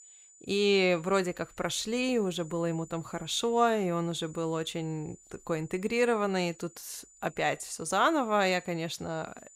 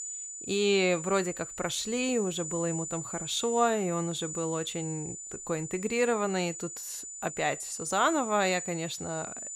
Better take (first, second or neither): first